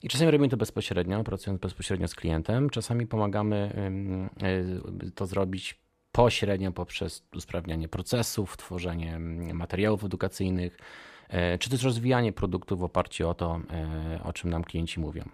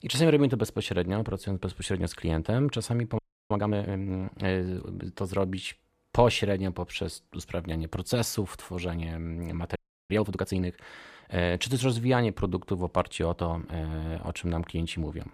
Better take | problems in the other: first | audio freezing; at 3 s and at 10 s

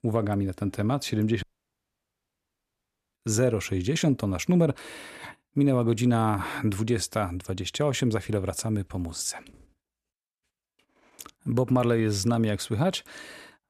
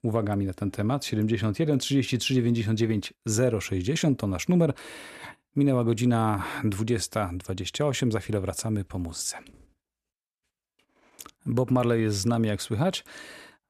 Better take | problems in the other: second | audio cutting out; at 1.5 s for 1.5 s

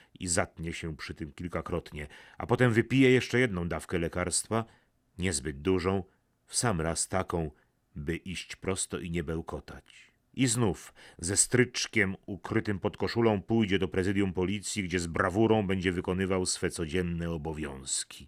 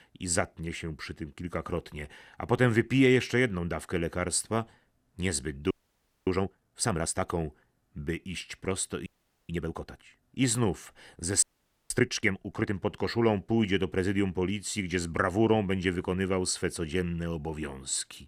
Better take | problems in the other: first | audio freezing; at 5.5 s for 0.5 s, at 9 s and at 11 s

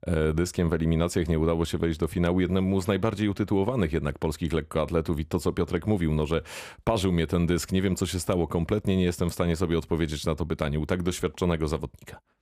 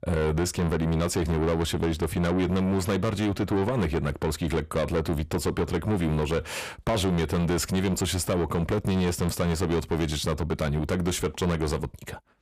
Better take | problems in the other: first | distortion; heavy; 7 dB below the speech

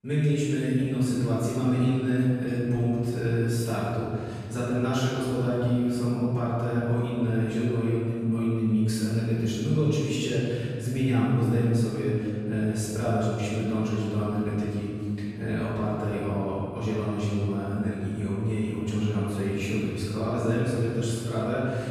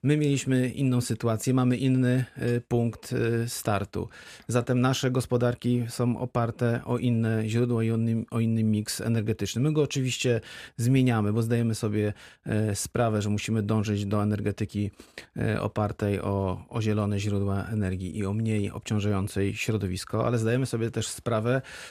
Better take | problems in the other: second | off-mic speech; far // room echo; strong; dies away in 2.4 s

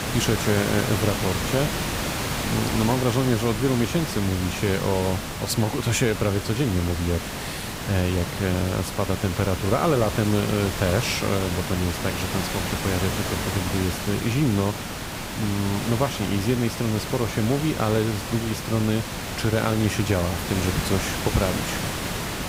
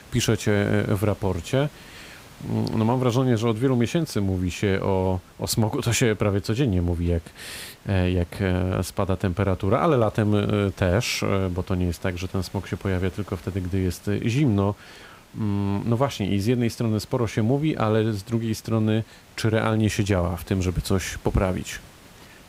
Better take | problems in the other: second | hiss; loud; throughout; 4 dB below the speech; faint in the second

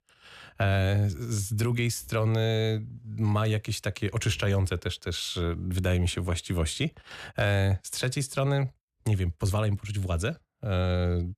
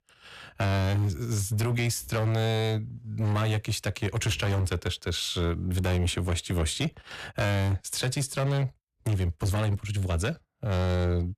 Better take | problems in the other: first | distortion; slight; 17% of the sound clipped

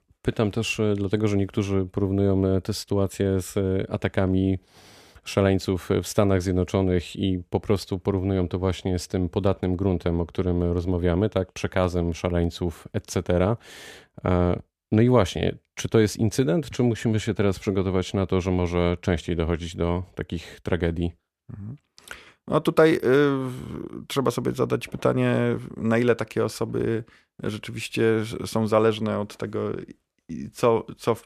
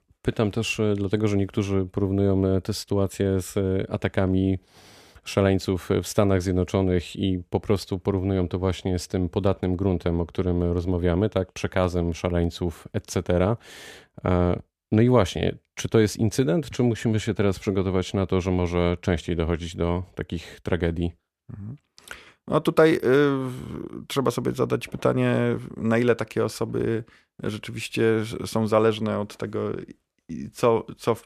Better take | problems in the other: neither | none

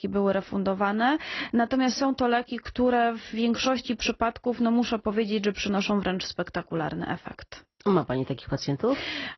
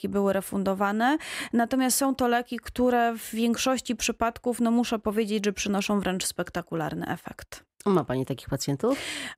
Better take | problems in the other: second | garbled, watery; slightly; nothing above 6 kHz

